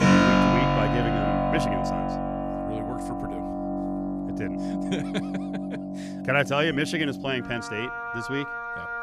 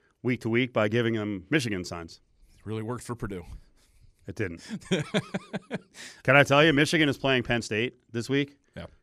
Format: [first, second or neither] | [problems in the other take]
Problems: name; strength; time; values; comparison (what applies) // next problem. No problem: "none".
second | background music; very loud; throughout; 2 dB above the speech